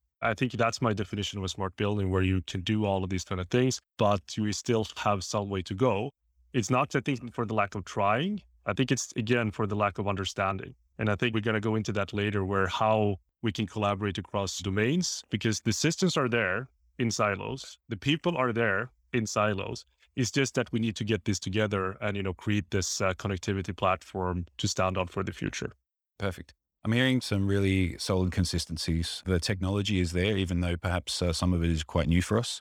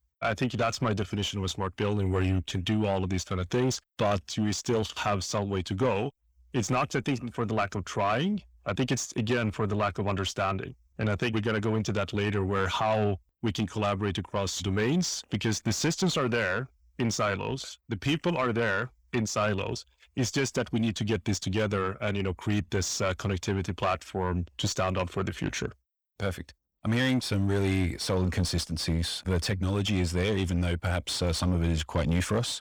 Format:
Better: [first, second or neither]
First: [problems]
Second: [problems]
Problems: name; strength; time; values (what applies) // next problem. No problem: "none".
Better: first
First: none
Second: distortion; slight; 10 dB below the speech